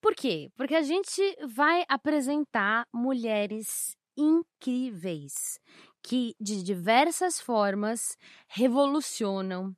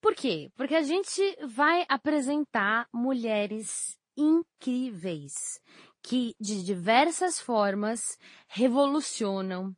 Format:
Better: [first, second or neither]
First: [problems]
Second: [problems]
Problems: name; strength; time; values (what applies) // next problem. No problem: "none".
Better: first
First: none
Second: garbled, watery; slightly; nothing above 10 kHz